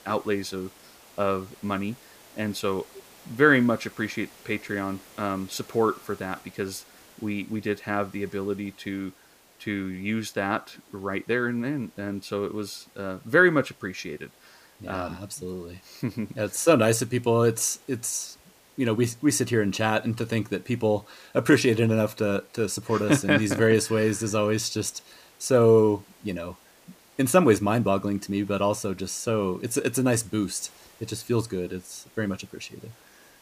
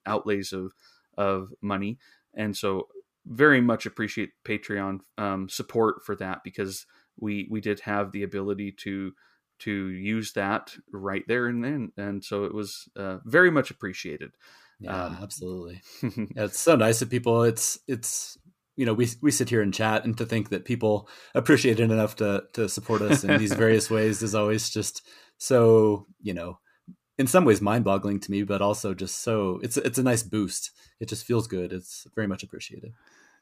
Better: second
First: hiss; faint; throughout; 25 dB below the speech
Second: none

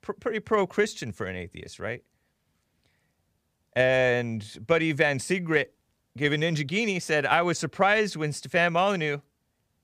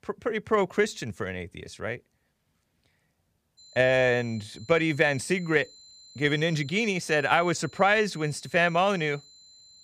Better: first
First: none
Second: high-pitched whine; faint; from 3.5 s on; 4 kHz, 25 dB below the speech

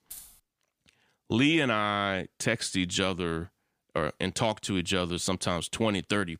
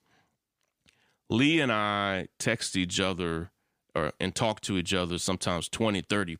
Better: second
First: jangling keys; faint; at the start; peak 15 dB below the speech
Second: none

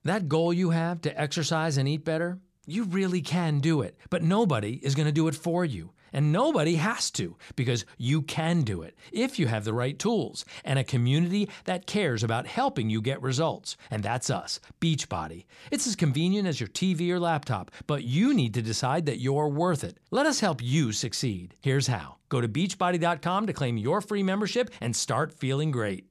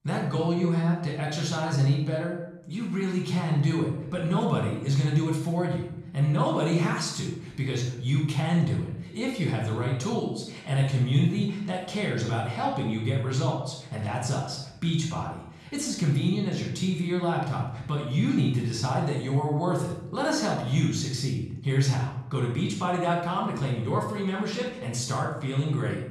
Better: first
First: none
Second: off-mic speech; far // room echo; noticeable; dies away in 0.7 s

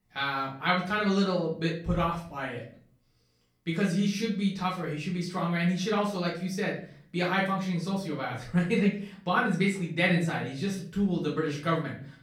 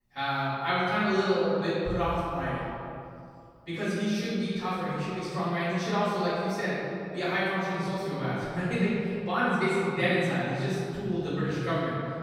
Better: first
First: room echo; slight; dies away in 0.4 s // off-mic speech; far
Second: room echo; strong; dies away in 2.4 s // off-mic speech; far

